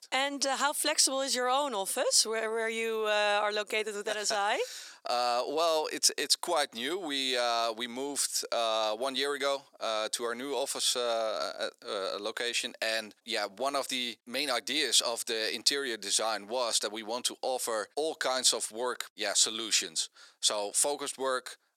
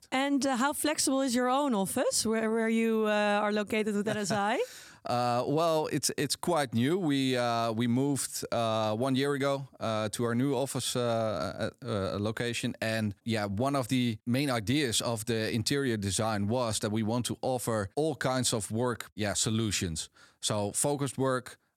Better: second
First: thin; somewhat; fading below 400 Hz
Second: none

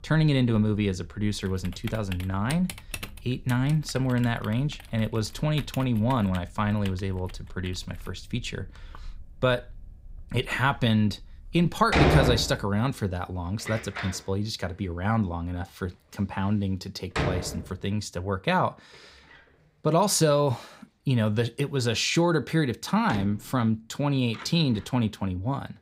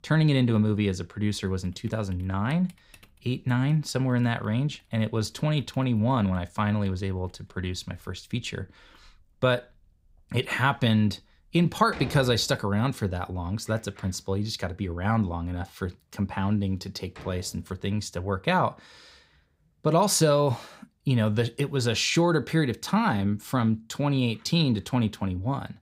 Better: second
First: household noises; loud; throughout; 6 dB below the speech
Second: household noises; faint; throughout; 25 dB below the speech

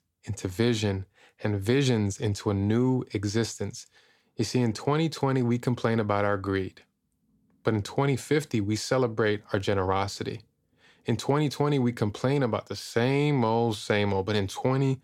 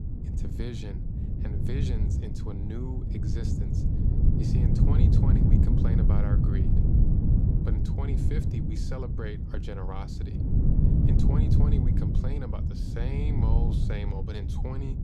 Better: first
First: none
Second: wind noise on the microphone; heavy; 3 dB above the speech

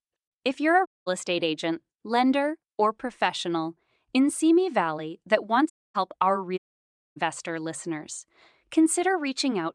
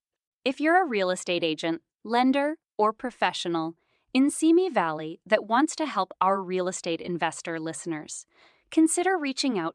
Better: second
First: audio cutting out; at 1 s, at 5.5 s and at 6.5 s for 0.5 s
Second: none

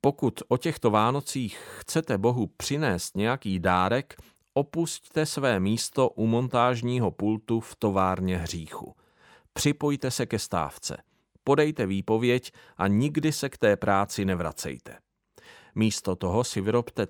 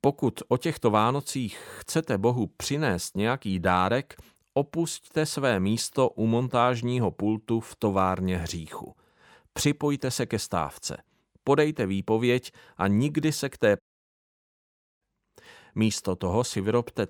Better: first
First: none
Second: audio cutting out; at 14 s for 1 s

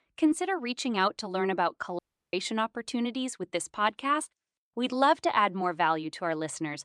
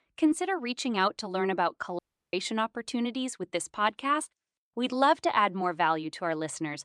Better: neither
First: audio cutting out; at 2 s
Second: audio cutting out; at 2 s

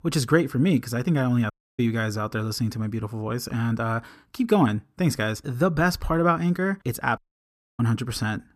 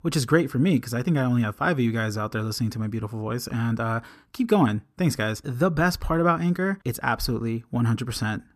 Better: second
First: audio cutting out; at 1.5 s and at 7 s for 0.5 s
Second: none

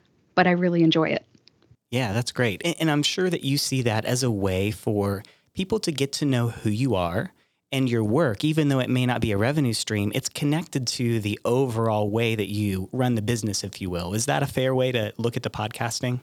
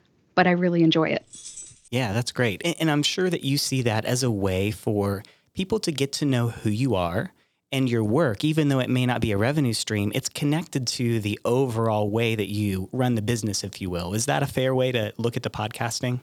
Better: first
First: none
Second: jangling keys; faint; at 1.5 s; peak 15 dB below the speech

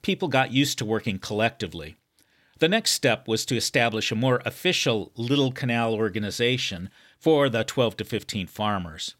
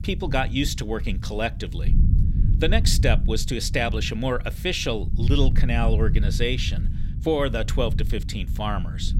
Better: first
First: none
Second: low rumble; noticeable; throughout; 15 dB below the speech

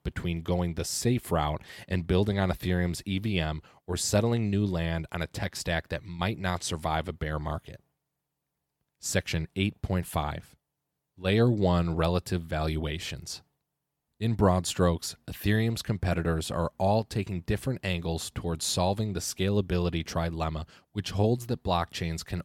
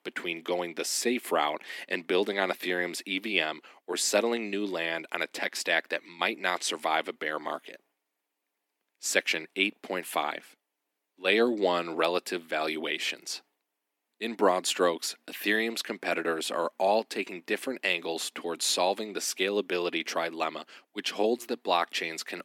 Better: first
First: none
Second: thin; somewhat; fading below 250 Hz

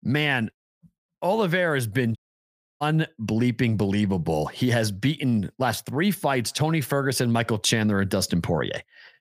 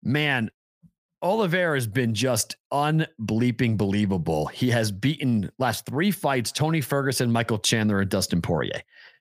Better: second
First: audio cutting out; at 2 s for 0.5 s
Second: none

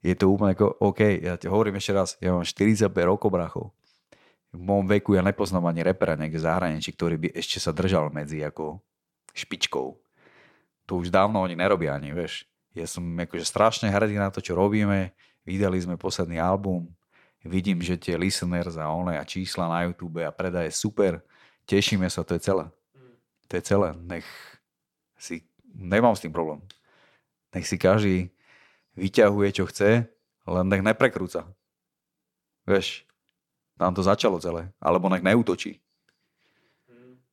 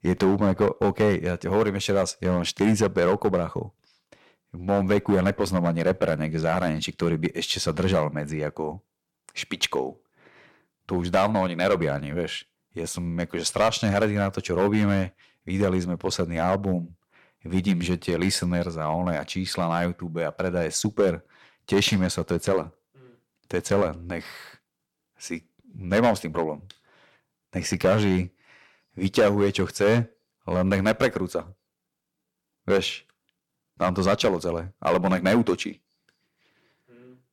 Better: first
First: none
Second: distortion; slight; 3% of the sound clipped

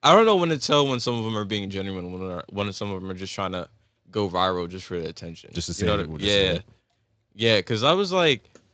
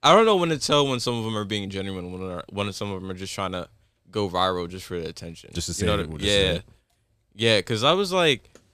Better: second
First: garbled, watery; slightly; nothing above 7.5 kHz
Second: none

